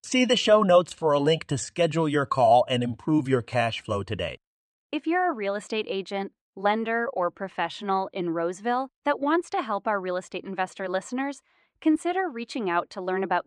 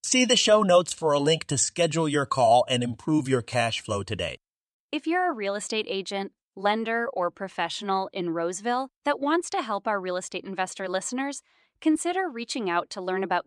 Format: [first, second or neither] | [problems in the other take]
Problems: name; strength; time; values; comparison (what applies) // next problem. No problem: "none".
second | muffled; slightly; fading above 3.5 kHz